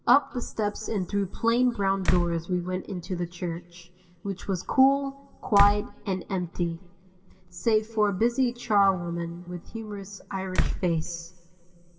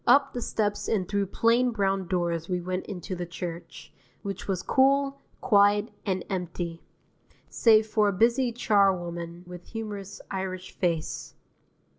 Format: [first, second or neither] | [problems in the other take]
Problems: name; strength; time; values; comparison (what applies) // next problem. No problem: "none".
second | background sound (Slam); 2 dB below the speech // room echo; dies away in 2.7 s